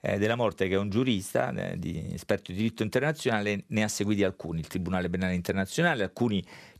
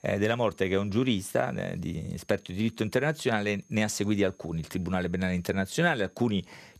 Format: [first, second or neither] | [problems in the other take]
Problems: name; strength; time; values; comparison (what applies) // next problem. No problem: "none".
first | high-pitched whine; faint; throughout; 6.5 kHz, 35 dB below the speech